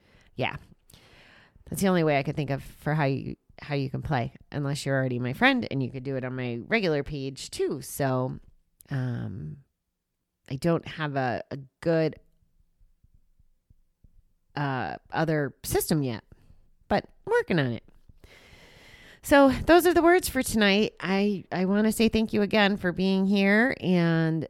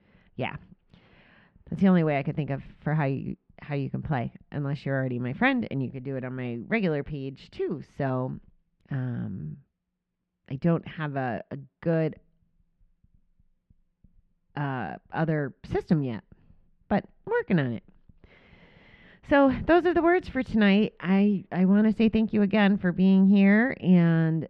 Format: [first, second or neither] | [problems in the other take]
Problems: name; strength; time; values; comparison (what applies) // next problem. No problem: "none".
first | muffled; slightly; fading above 3 kHz